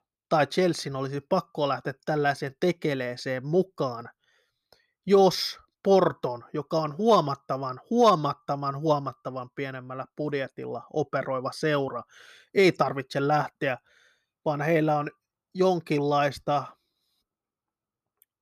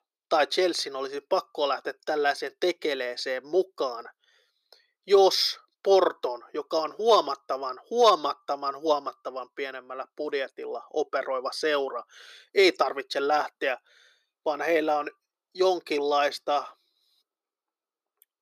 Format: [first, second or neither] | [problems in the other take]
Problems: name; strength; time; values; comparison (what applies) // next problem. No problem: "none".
first | thin; somewhat; fading below 350 Hz